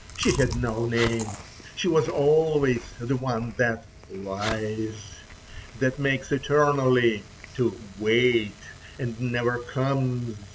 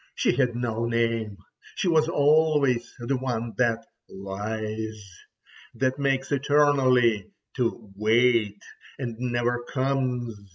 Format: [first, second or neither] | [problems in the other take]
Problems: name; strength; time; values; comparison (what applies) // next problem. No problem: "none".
second | background sound (Fireworks + Chewing, mastication); 14 dB below the speech